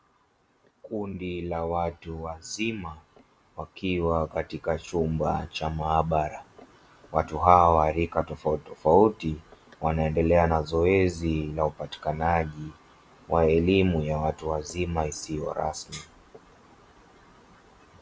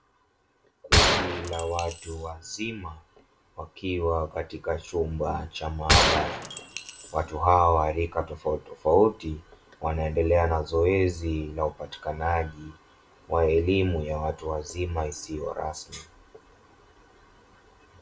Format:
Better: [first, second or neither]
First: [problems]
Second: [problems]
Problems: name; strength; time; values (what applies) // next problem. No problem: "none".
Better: first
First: none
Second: background sound (Gunshot, gunfire); 2 dB above the speech // room echo; dies away in 0.2 s